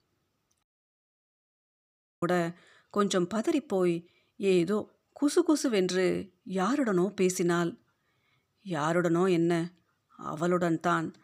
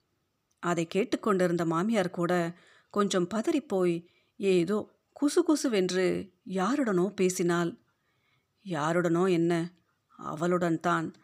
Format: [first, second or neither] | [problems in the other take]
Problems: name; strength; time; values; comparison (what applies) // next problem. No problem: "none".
second | audio cutting out; at 0.5 s for 1.5 s